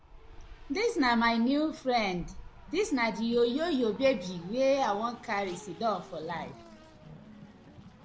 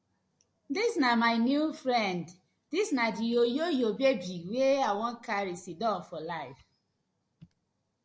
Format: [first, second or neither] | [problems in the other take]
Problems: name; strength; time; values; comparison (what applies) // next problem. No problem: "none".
second | background sound (Race car, auto racing); 18 dB below the speech